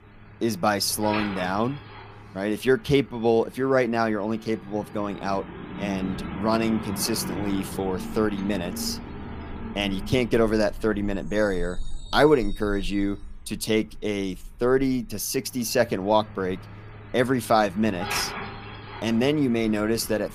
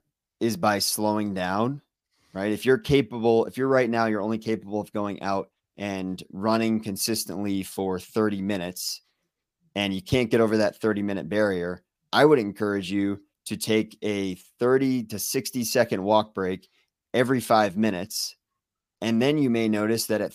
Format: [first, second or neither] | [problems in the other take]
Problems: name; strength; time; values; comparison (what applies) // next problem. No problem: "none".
second | traffic noise; noticeable; throughout; 10 dB below the speech